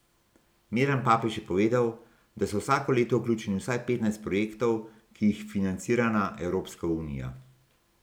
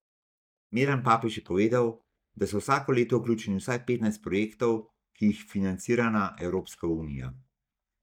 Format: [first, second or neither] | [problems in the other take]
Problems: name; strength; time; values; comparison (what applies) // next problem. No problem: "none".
first | noise reduction (neural mask model DeepFilterNet 3)